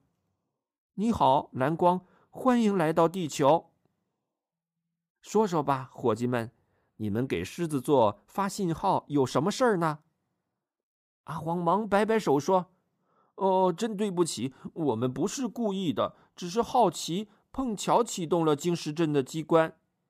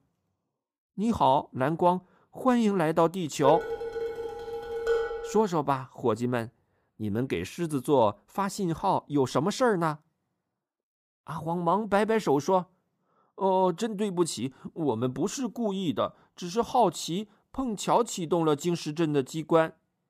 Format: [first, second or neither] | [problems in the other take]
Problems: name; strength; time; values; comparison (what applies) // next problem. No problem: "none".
first | clattering dishes; noticeable; from 3.5 to 5.5 s; peak 1 dB below the speech